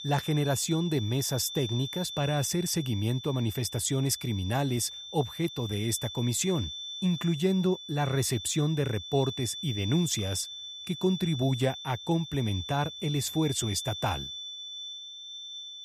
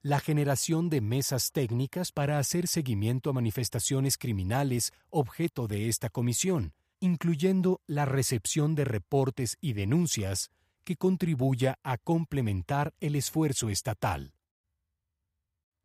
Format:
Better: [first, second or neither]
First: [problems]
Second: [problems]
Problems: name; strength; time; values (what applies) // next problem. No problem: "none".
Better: second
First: high-pitched whine; loud; throughout; 3.5 kHz, 9 dB below the speech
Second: none